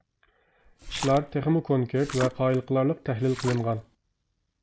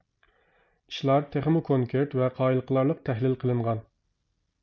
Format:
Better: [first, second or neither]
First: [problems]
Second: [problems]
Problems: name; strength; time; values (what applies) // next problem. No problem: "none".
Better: second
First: background sound (Splash, splatter); 12 dB below the speech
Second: none